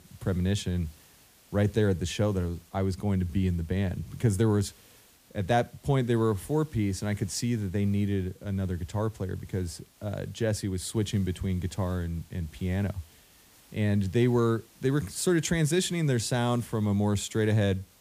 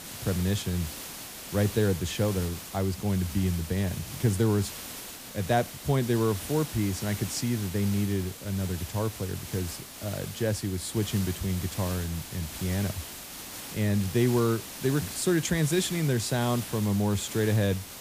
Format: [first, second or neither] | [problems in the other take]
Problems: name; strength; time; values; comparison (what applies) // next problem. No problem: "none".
first | hiss; loud; throughout; 10 dB below the speech; faint in the first